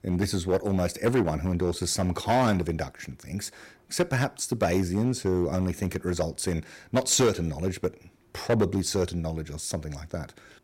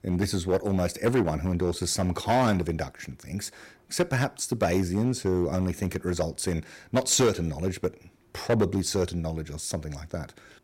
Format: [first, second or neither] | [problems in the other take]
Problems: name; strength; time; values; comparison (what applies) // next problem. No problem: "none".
neither | distortion; slight; 4% of the sound clipped; the same in both